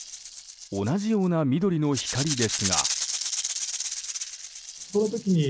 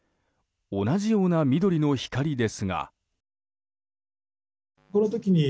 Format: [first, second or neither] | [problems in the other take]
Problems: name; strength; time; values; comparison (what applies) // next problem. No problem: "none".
second | background sound (Rattle (instrument)); 5 dB below the speech